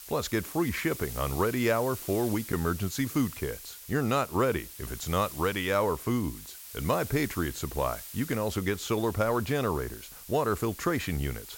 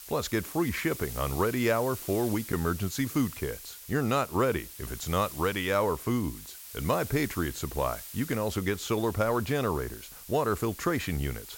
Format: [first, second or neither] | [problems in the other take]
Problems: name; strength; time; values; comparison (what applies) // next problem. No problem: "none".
neither | hiss; noticeable; throughout; 10 dB below the speech; the same in both